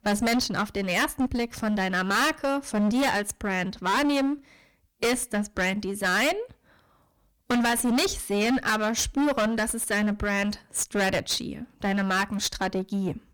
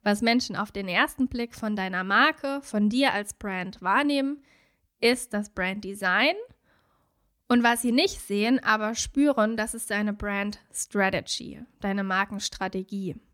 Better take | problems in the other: second | distortion; heavy; 20% of the sound clipped

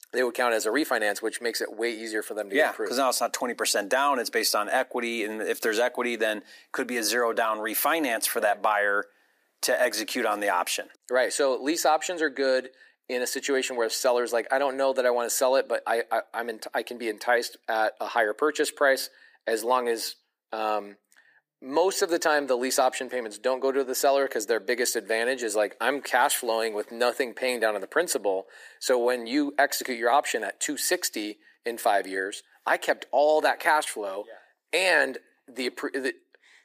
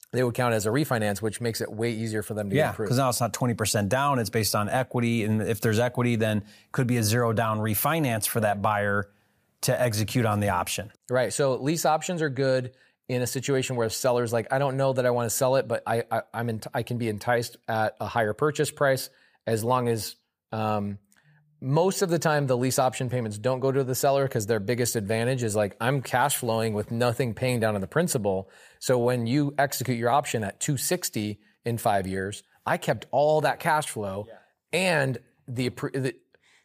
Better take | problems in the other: second | thin; somewhat; fading below 300 Hz

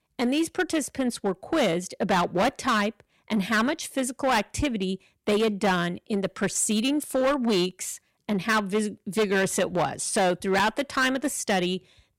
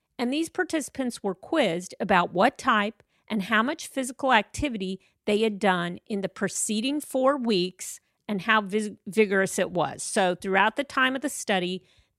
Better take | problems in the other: second | distortion; heavy; 10% of the sound clipped

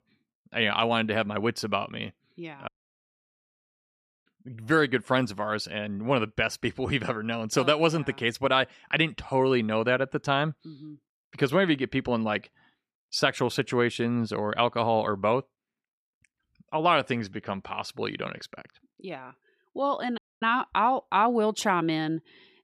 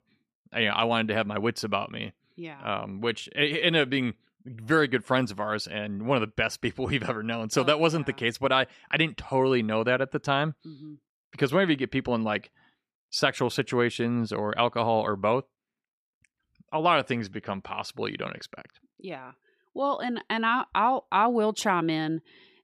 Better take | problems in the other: second | audio cutting out; at 2.5 s for 1.5 s and at 20 s

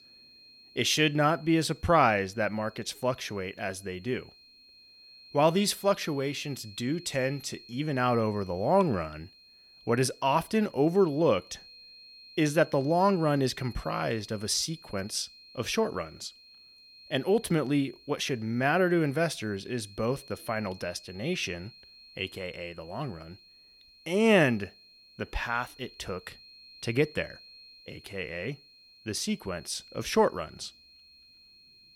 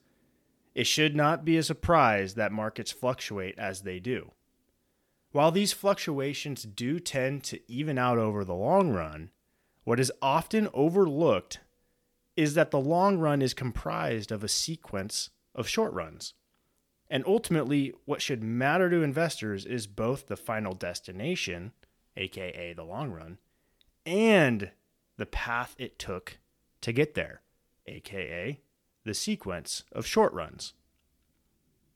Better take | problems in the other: second | high-pitched whine; faint; throughout; 4 kHz, 20 dB below the speech

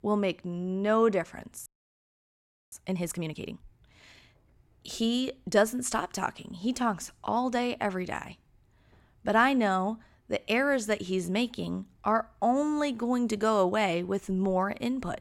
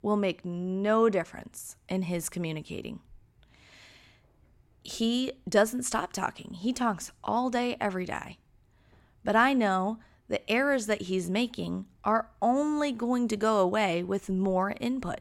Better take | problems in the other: second | audio freezing; at 1.5 s for 1 s

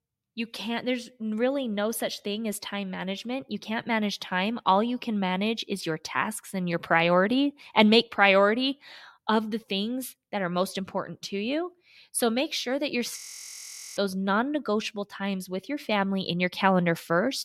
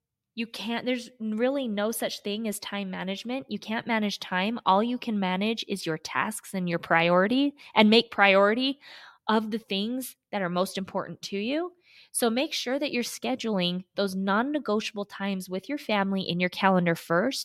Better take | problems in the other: second | audio freezing; at 13 s for 1 s

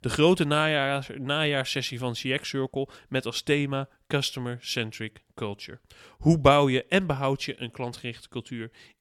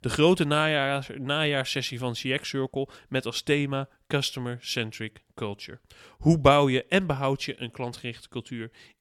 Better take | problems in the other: neither | none

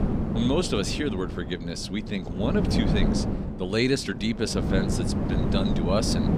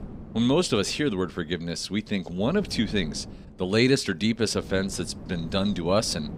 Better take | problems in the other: second | wind noise on the microphone; heavy; 5 dB below the speech; occasional gusts in the second

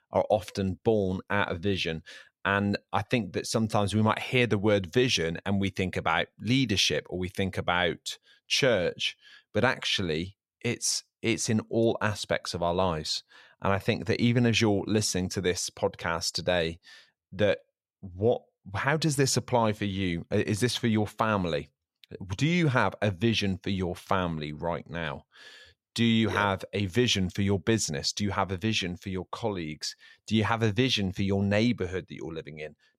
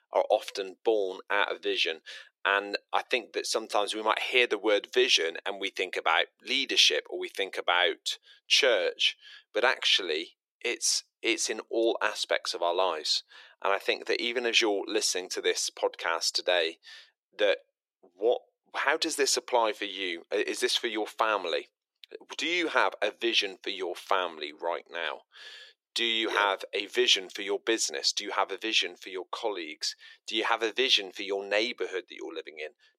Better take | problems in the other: first | thin; very; fading below 350 Hz

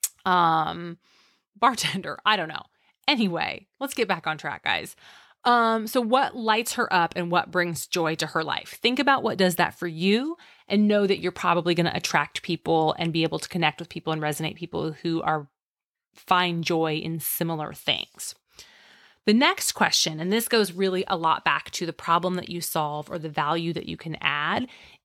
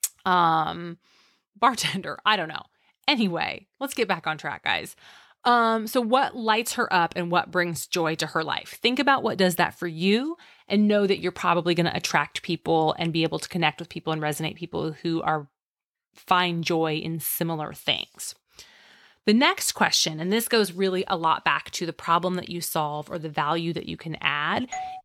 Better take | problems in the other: first | doorbell; faint; at 24 s; peak 10 dB below the speech

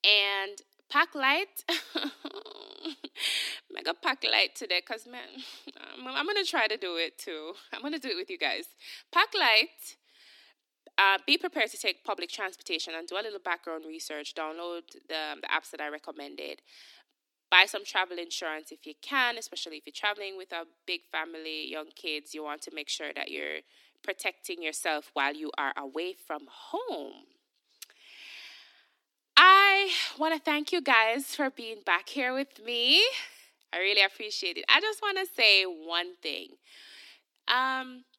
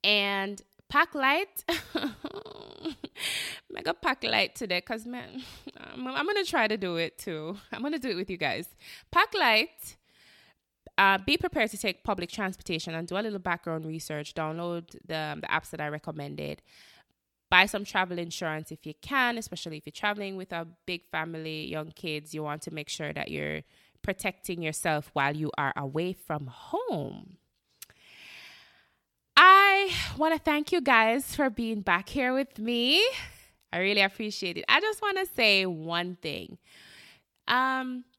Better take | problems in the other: second | thin; very slightly; fading below 250 Hz

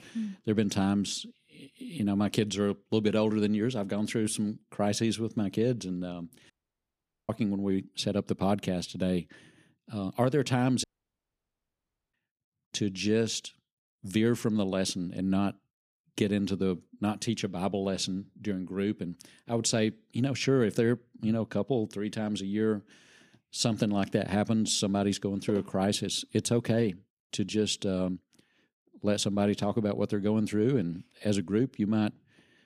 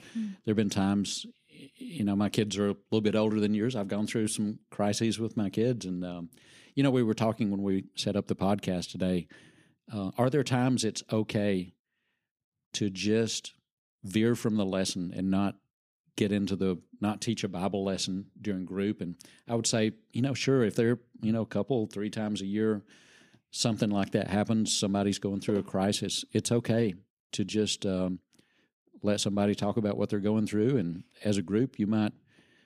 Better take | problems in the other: second | audio cutting out; at 6.5 s for 1 s and at 11 s for 1.5 s

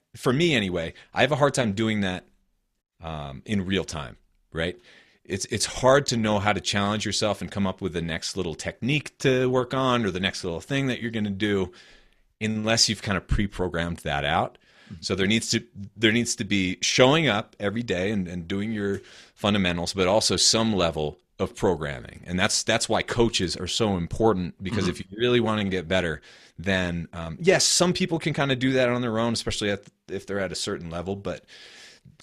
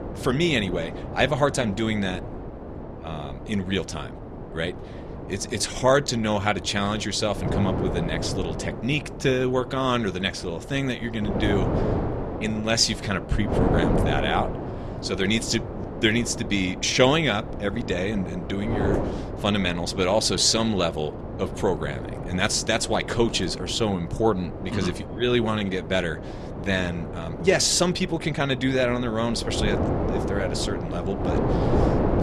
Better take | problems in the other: first | wind noise on the microphone; heavy; 8 dB below the speech

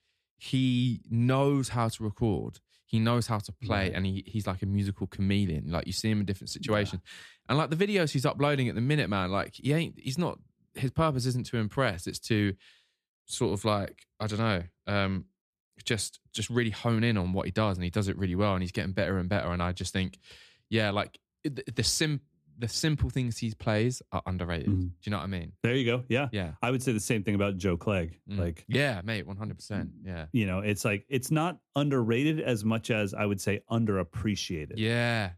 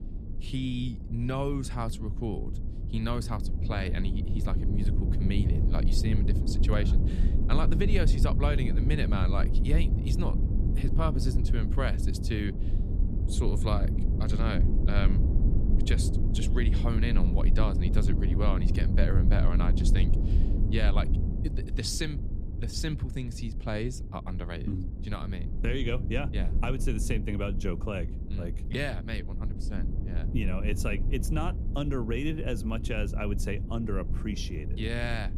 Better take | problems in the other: first | low rumble; loud; throughout; 7 dB below the speech

